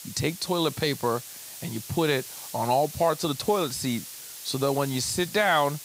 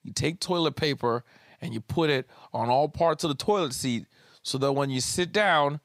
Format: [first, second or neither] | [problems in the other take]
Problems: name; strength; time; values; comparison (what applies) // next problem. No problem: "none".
second | hiss; noticeable; throughout; 10 dB below the speech